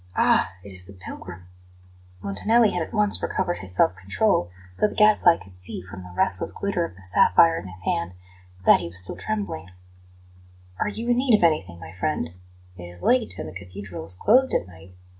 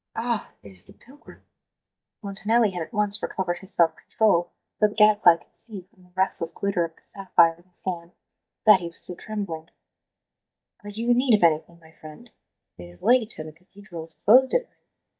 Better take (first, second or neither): first